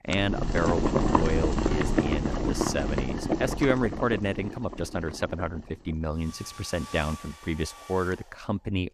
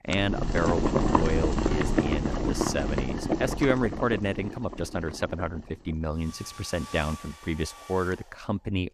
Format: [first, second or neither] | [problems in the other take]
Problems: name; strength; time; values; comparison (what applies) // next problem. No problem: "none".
neither | household noises; very loud; throughout; 1 dB above the speech; the same in both